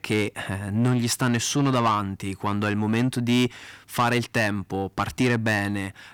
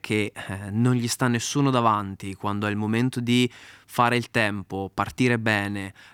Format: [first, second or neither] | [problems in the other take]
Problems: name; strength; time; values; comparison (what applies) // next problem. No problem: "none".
second | distortion; slight; 10 dB below the speech